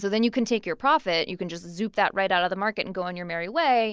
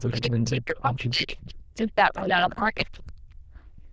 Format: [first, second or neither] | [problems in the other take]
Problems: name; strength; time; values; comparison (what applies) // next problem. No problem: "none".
first | noise reduction (neural diffusion model UNIVERSE++)